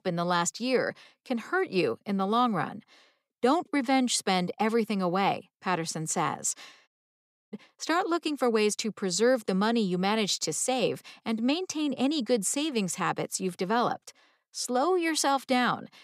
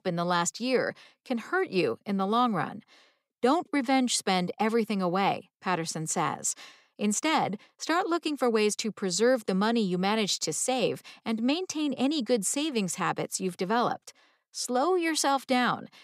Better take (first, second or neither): second